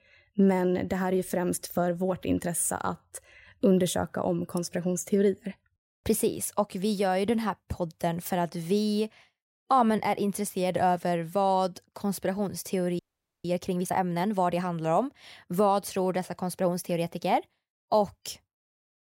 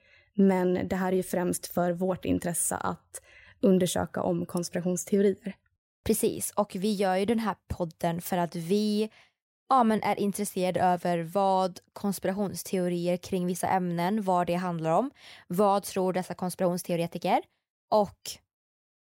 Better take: second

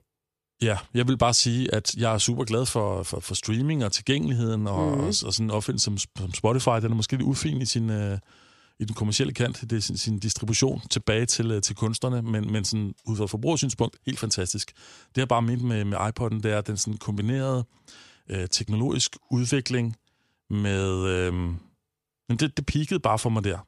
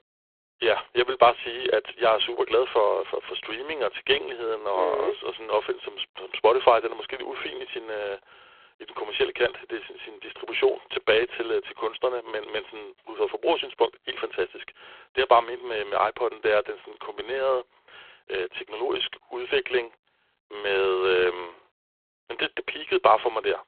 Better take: first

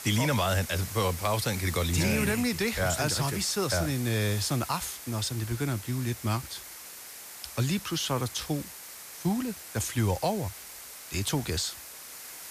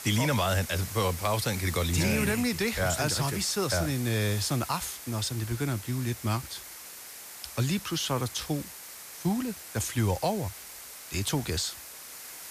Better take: neither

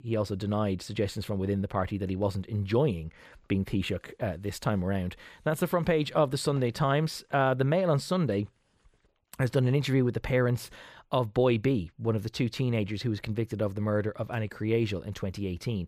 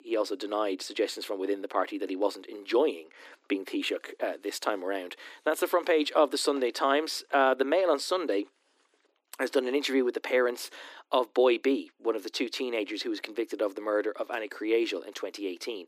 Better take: first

